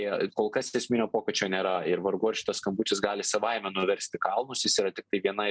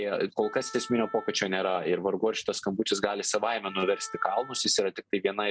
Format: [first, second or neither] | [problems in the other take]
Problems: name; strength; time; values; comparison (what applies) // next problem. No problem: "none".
first | background sound (Wind instrument, woodwind instrument); 19 dB below the speech